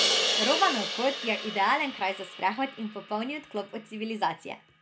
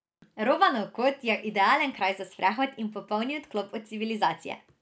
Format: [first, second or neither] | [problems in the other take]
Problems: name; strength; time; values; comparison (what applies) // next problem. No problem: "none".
second | background sound (Crash cymbal); 3 dB below the speech